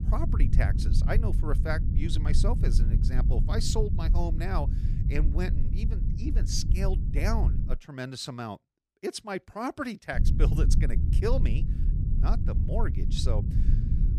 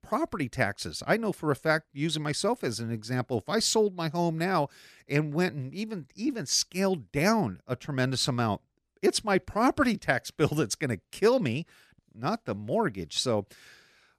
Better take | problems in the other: second | low rumble; loud; until 7.5 s and from 10 s on; 7 dB below the speech

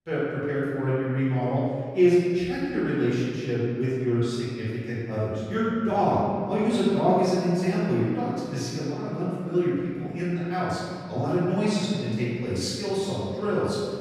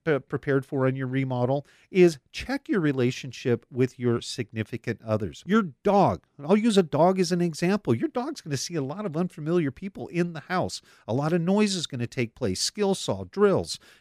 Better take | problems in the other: second | off-mic speech; far // room echo; strong; dies away in 2 s

